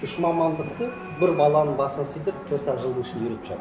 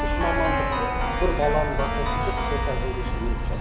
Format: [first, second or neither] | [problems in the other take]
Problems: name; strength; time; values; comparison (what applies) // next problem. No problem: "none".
first | background sound (Keyboard (musical)); 5 dB above the speech